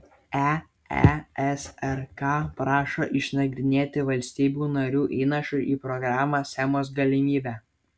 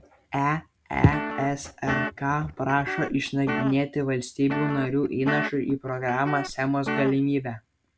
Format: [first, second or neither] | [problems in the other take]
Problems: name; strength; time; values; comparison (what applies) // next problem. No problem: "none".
first | background sound (Guitar); 6 dB below the speech